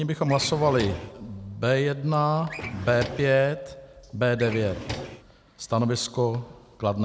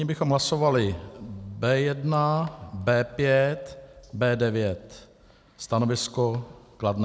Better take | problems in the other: second | background sound (Drawer open or close); 11 dB below the speech

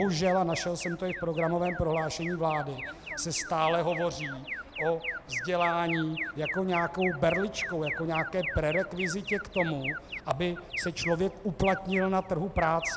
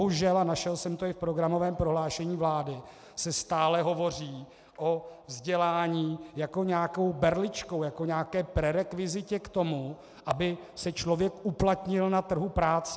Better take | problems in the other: second | background sound (Alarm); 8 dB below the speech

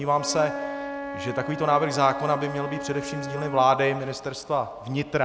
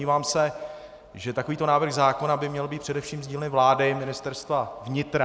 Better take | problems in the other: second | background sound (Wind instrument, woodwind instrument); 10 dB below the speech

